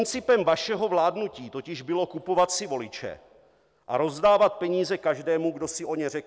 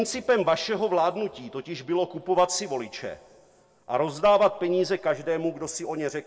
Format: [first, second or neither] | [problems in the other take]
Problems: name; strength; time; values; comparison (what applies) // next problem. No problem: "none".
first | room echo; dies away in 1.7 s